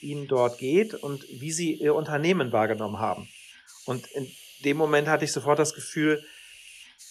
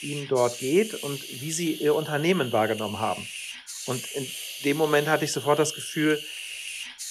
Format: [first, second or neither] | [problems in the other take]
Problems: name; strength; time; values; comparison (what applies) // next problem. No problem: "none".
first | hiss; loud; throughout; 9 dB below the speech; faint in the first